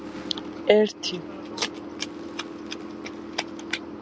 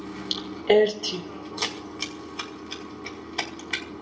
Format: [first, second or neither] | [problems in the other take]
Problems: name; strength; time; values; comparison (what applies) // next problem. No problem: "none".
first | room echo; dies away in 0.6 s